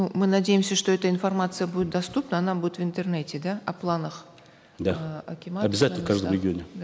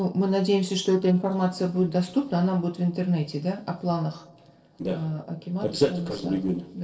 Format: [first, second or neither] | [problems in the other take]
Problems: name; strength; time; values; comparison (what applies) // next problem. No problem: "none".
first | noise reduction (neural separator model SepFormer DNS4)